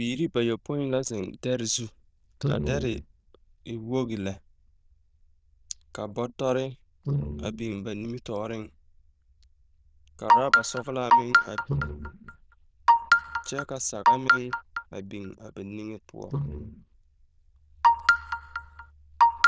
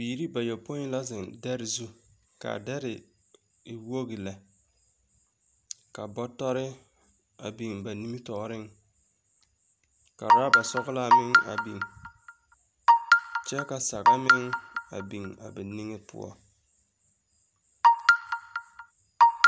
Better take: second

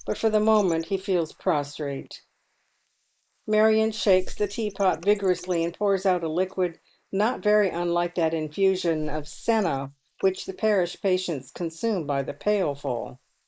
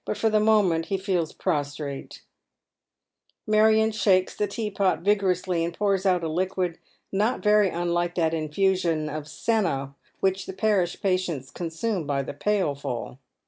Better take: second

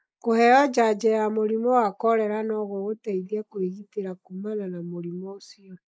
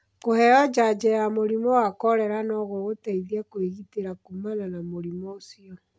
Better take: second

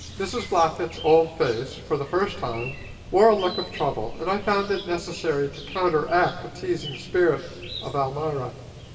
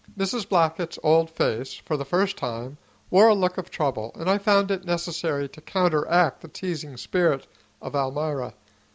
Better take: second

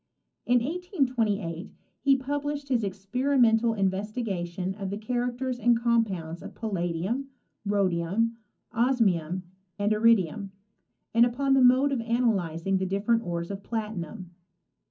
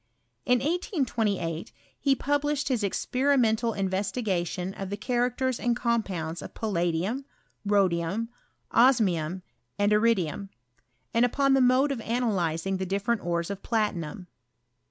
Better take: second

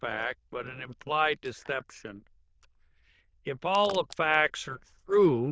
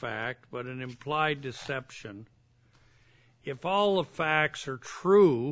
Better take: second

